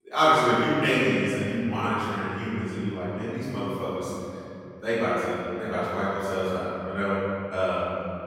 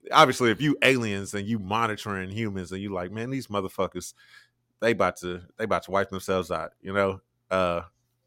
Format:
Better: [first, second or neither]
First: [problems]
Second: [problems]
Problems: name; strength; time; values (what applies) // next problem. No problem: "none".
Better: second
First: off-mic speech; far // room echo; strong; dies away in 2.6 s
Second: none